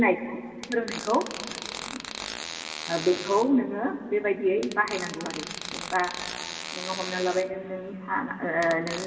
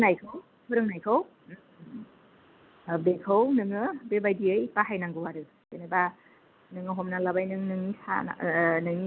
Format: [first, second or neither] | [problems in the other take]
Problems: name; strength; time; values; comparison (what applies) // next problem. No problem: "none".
second | background sound (Fart); 10 dB below the speech // room echo; dies away in 2.3 s